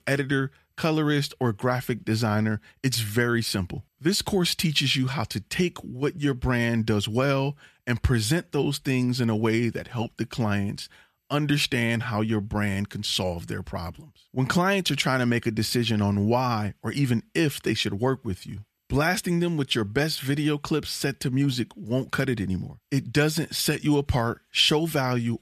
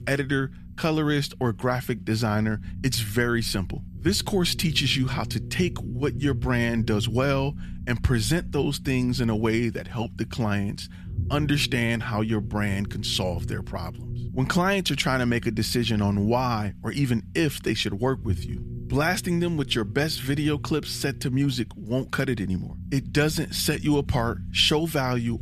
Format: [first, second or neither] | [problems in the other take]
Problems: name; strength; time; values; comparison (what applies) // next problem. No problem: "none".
first | low rumble; faint; throughout; 20 dB below the speech